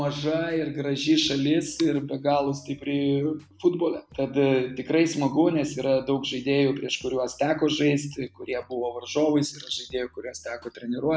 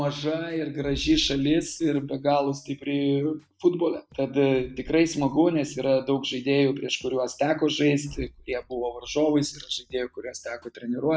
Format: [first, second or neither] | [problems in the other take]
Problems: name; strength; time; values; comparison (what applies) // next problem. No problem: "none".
first | noise reduction (neural mask model DeepFilterNet 3)